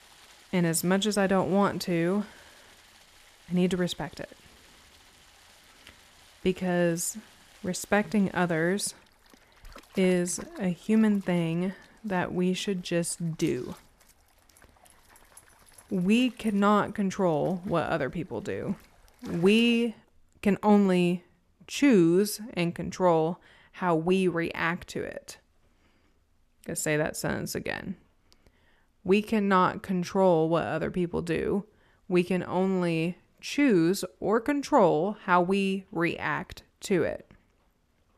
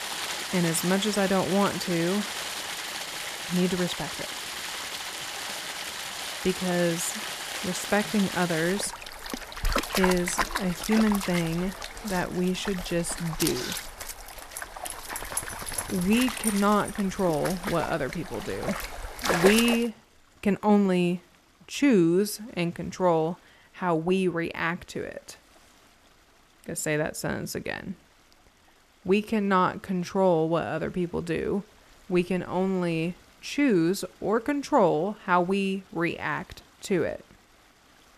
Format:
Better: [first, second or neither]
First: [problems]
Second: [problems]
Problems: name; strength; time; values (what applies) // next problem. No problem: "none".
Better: first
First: rain or running water; faint; throughout; 25 dB below the speech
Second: rain or running water; loud; throughout; 5 dB below the speech